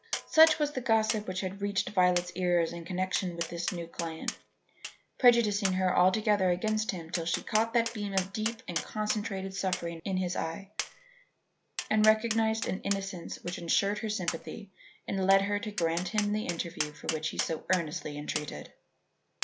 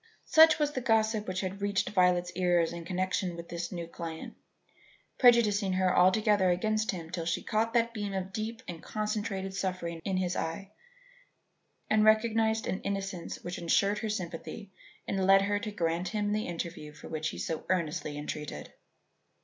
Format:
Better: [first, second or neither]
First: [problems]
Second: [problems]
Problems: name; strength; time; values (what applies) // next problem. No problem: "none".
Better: second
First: background sound (Tap); 11 dB below the speech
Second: none